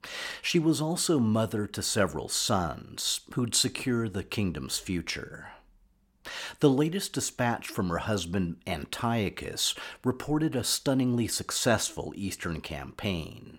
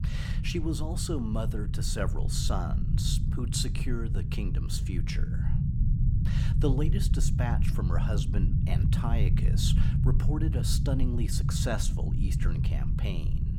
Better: first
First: none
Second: low rumble; loud; throughout; 5 dB below the speech

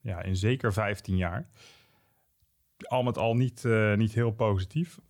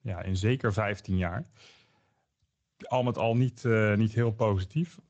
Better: first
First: none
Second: garbled, watery; slightly; nothing above 7.5 kHz

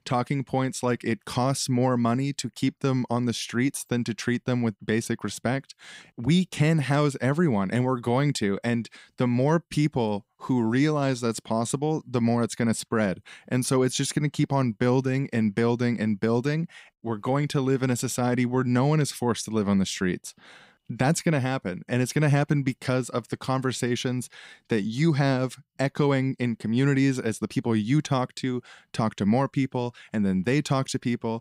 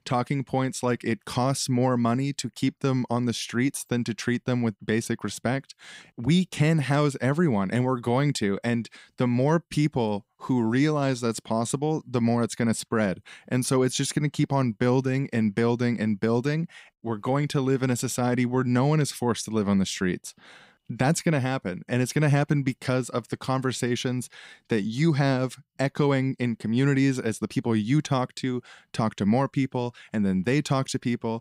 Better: neither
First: none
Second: none

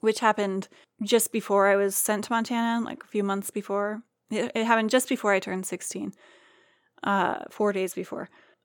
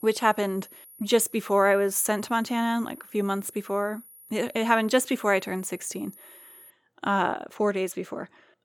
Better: first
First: none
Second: high-pitched whine; faint; until 6.5 s; 11.5 kHz, 20 dB below the speech

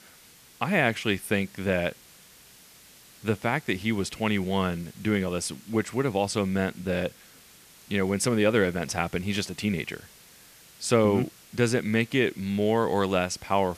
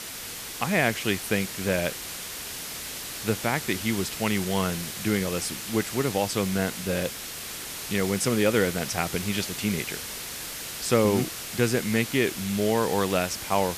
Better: first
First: hiss; faint; throughout; 25 dB below the speech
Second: hiss; loud; throughout; 7 dB below the speech

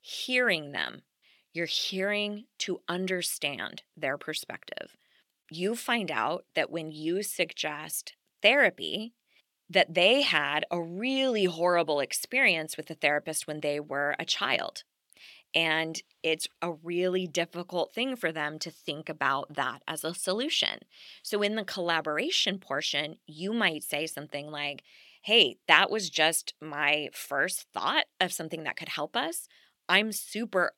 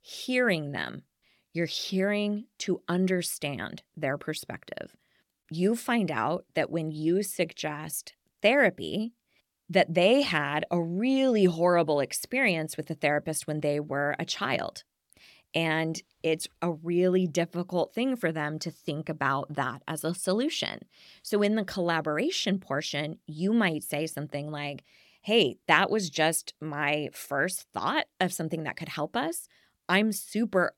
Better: second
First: thin; very slightly; fading below 450 Hz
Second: none

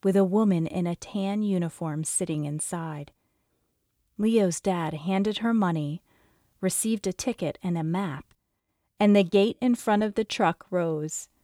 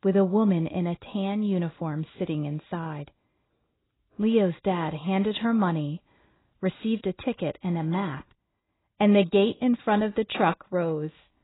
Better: first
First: none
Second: garbled, watery; badly; nothing above 4 kHz

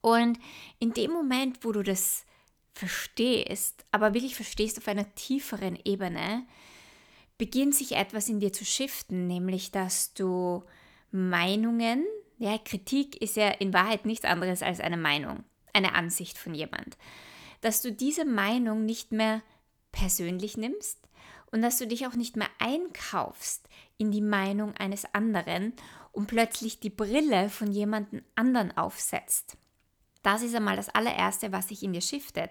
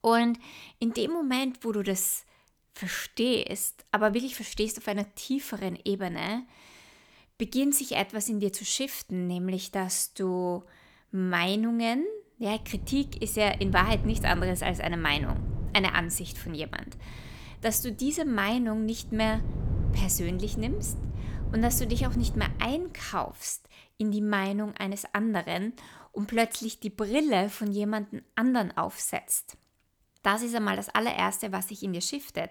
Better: first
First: none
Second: wind noise on the microphone; occasional gusts; from 13 to 23 s; 15 dB below the speech

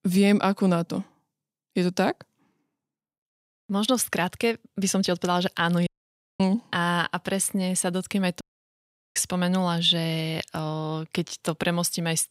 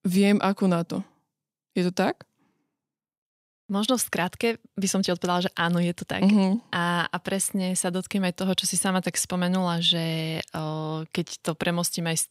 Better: second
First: audio cutting out; at 6 s for 0.5 s and at 8.5 s for 1 s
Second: none

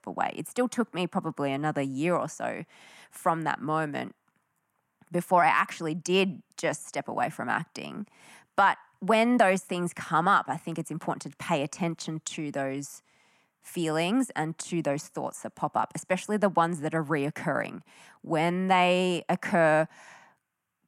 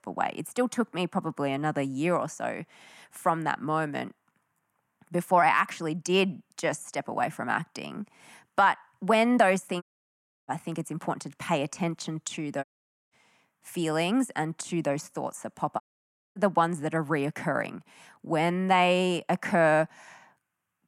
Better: first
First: none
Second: audio cutting out; at 10 s for 0.5 s, at 13 s and at 16 s for 0.5 s

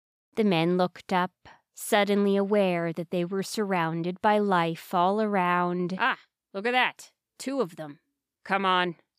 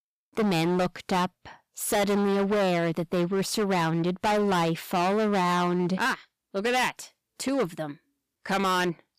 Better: first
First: none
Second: distortion; heavy; 20% of the sound clipped

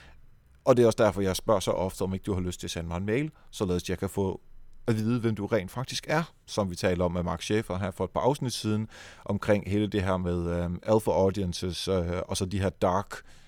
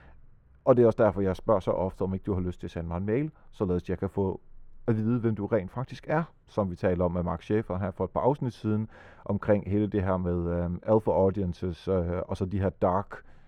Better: first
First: none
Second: muffled; very; fading above 3 kHz

